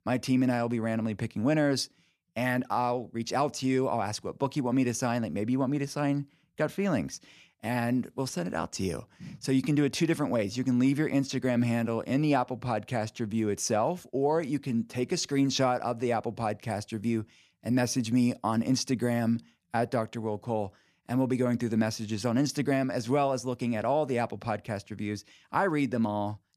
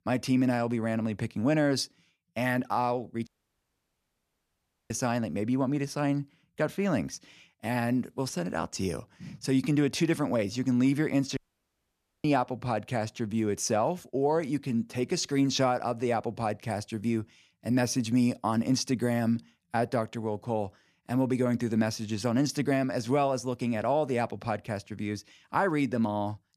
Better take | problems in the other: first | audio cutting out; at 3.5 s for 1.5 s and at 11 s for 1 s

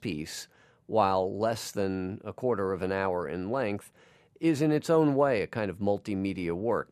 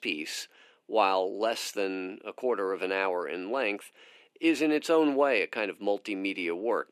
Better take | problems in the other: first | thin; very slightly; fading below 300 Hz

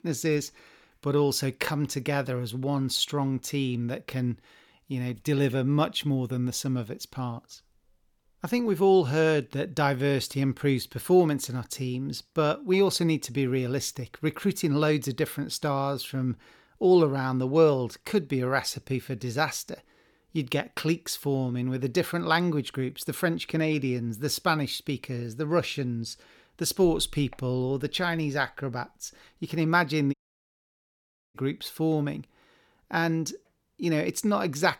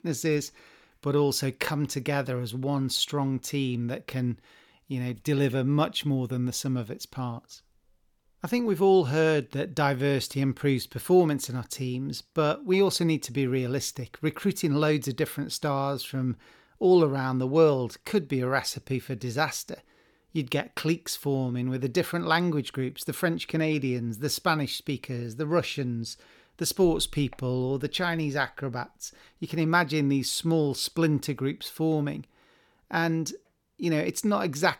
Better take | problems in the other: second | audio cutting out; at 30 s for 1 s

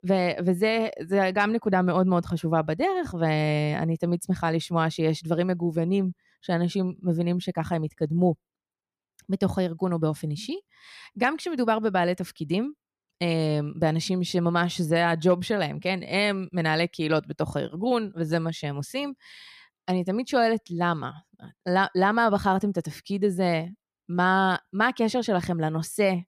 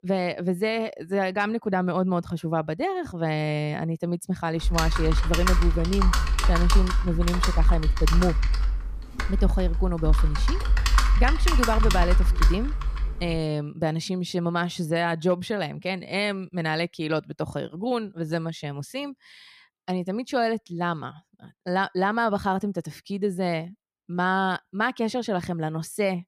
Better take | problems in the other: first | keyboard typing; loud; from 4.5 to 13 s; peak 6 dB above the speech

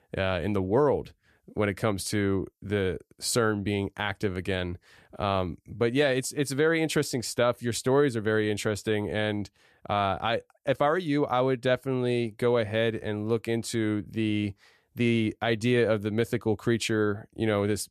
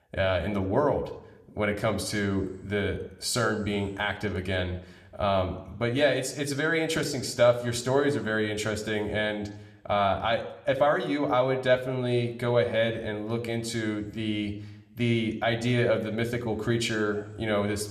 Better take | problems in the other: first | room echo; very slight; dies away in 0.7 s

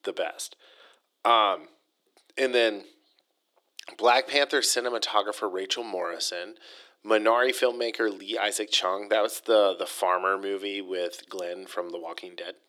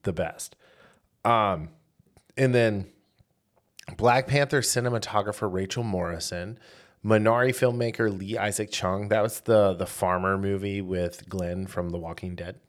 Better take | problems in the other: second | thin; very; fading below 300 Hz

